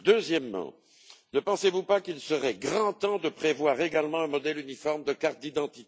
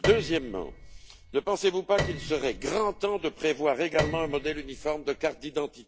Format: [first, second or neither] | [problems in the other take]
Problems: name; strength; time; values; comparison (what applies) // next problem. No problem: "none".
first | background sound (Piano); 8 dB below the speech